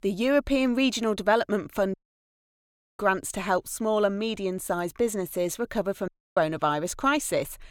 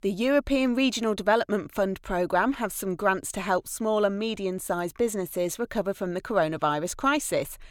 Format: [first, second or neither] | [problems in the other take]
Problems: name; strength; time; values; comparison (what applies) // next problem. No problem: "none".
second | audio cutting out; at 2 s for 1 s and at 6 s